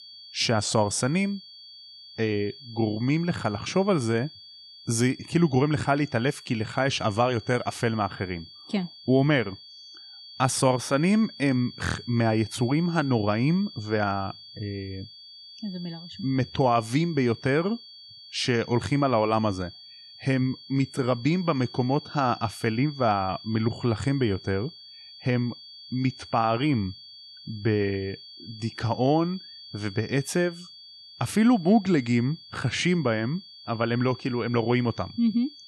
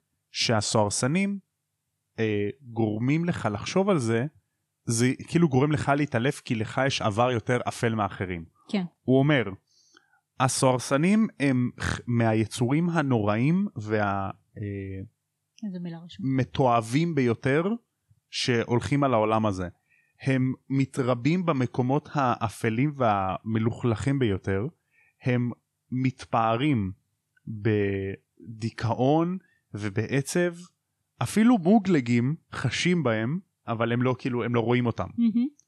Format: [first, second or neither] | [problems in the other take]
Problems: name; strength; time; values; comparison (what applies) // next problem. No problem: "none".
second | high-pitched whine; noticeable; throughout; 4.5 kHz, 15 dB below the speech